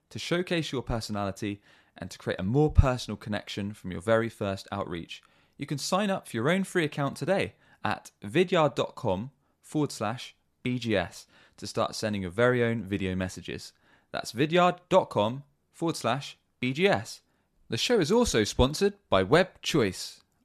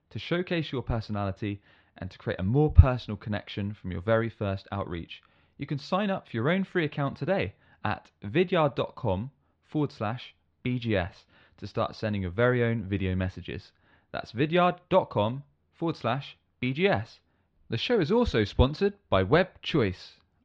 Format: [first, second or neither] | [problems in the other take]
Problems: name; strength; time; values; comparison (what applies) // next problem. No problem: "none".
first | muffled; slightly; fading above 4 kHz